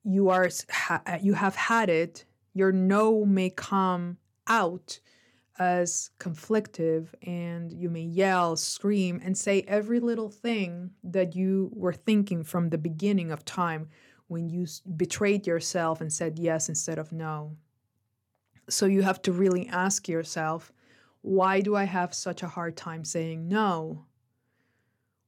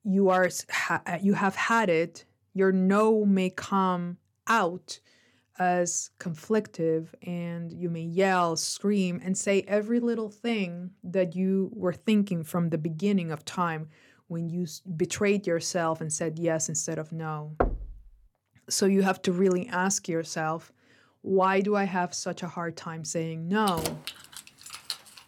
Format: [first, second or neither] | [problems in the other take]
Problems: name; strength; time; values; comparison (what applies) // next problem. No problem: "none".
first | door banging; noticeable; at 18 s; peak 3 dB below the speech // jangling keys; noticeable; from 24 s on; peak 6 dB below the speech